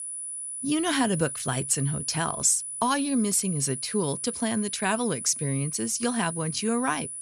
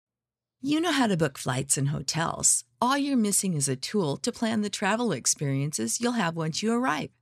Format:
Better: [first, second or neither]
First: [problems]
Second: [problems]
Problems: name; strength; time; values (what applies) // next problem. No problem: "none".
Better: second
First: high-pitched whine; loud; throughout; 10 kHz, 6 dB below the speech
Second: none